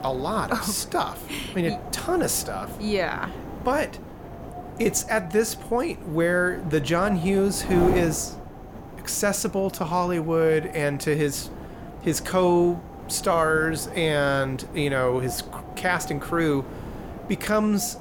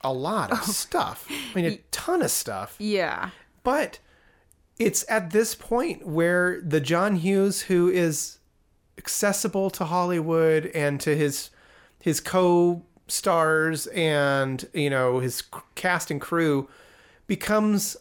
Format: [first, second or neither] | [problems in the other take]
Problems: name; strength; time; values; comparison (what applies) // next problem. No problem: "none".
second | wind noise on the microphone; occasional gusts; 15 dB below the speech